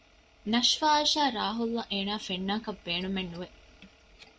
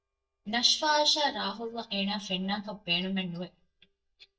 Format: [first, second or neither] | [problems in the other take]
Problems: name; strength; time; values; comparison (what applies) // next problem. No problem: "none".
first | noise reduction (neural mask model DeepFilterNet 3)